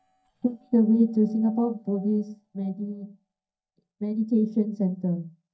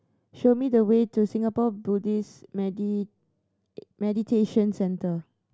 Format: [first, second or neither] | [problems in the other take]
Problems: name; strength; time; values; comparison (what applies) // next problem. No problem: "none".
second | noise reduction (neural mask model DeepFilterNet 3)